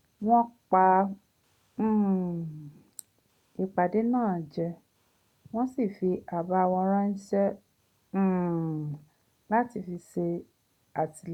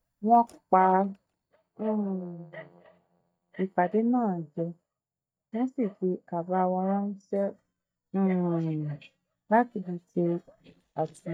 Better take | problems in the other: first | noise reduction (neural mask model DeepFilterNet 3)

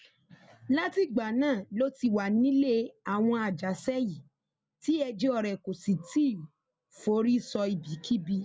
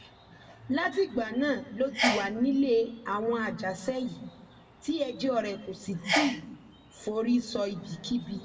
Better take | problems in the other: first | background sound (Sneeze); 8 dB below the speech // room echo; dies away in 0.8 s

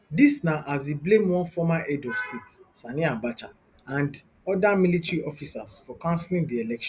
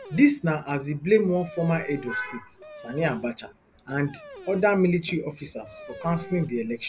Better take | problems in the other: first | background sound (Dog); 19 dB below the speech

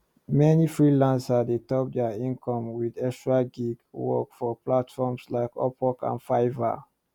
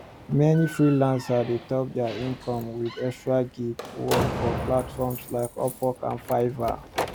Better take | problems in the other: first | background sound (Slam); 9 dB below the speech

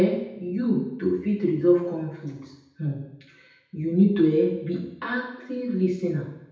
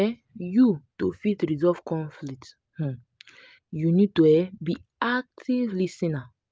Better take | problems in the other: second | room echo; dies away in 0.8 s

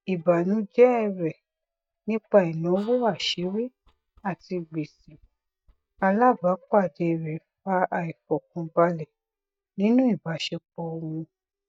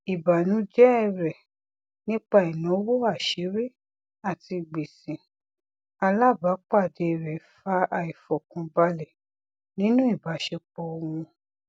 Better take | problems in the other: second | noise reduction (neural mask model DeepFilterNet 3)

